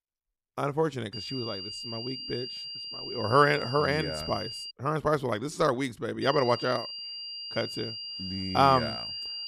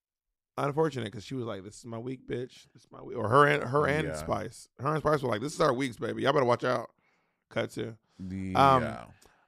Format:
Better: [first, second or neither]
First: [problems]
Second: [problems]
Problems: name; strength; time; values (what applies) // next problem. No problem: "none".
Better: second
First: high-pitched whine; loud; from 1 to 4.5 s and from 6 s on; 4.5 kHz, 8 dB below the speech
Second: none